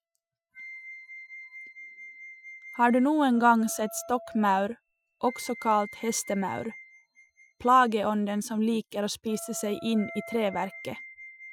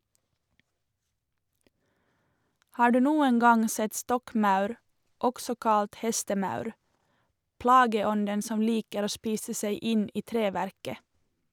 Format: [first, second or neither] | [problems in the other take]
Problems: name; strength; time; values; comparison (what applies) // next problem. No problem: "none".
second | noise reduction (classical method Wiener filter)